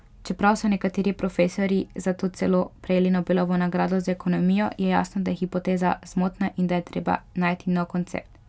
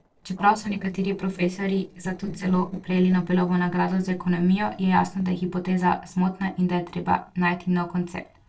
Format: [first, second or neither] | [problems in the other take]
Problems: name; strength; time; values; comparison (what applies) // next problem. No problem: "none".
first | noise reduction (neural separator model SepFormer DNS4)